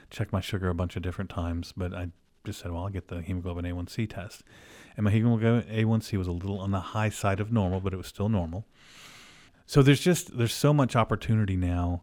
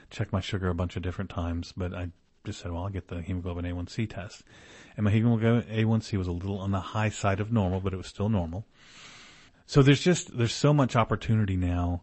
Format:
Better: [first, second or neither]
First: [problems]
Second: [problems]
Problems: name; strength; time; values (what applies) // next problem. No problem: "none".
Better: first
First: none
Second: garbled, watery; slightly; nothing above 8 kHz